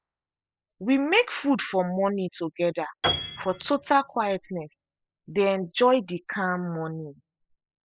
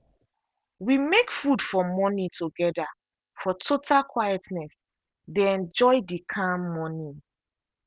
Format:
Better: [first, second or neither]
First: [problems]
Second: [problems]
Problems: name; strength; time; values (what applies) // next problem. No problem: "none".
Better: second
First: noise reduction (classical method spectral subtraction)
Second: none